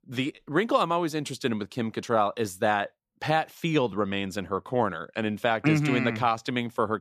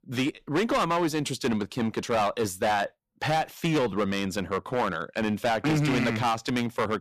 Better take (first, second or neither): first